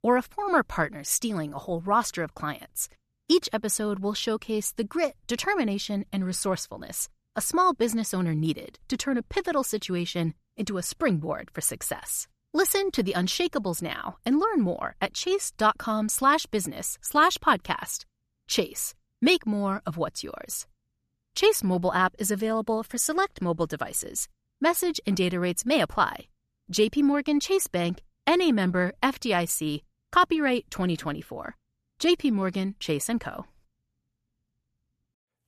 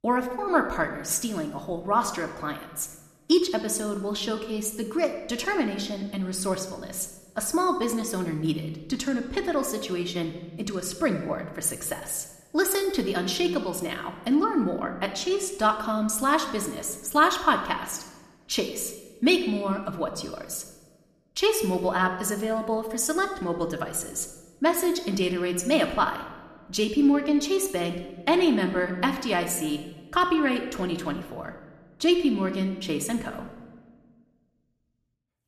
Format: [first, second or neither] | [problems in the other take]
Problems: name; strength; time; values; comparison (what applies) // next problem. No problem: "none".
first | room echo; slight; dies away in 1 s